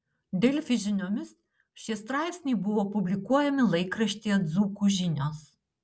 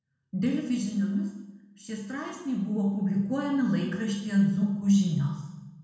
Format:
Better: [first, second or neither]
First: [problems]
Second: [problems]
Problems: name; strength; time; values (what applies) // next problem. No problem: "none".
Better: first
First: none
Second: room echo; dies away in 1 s